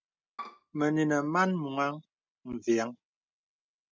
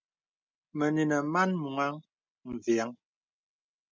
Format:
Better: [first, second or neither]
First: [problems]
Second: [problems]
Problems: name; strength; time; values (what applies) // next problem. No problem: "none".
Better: second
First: background sound (Bowed string instrument); 13 dB below the speech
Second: none